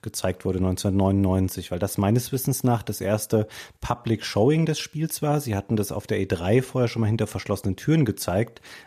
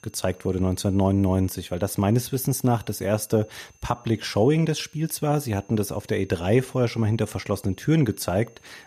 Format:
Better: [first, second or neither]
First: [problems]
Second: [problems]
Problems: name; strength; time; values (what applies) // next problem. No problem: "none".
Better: first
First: none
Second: high-pitched whine; faint; throughout; 6.5 kHz, 35 dB below the speech